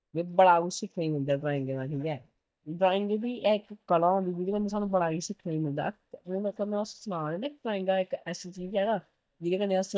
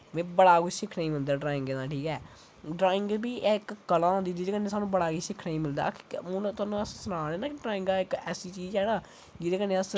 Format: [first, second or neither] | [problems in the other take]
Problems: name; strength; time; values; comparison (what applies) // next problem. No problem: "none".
second | noise reduction (neural mask model DeepFilterNet 3)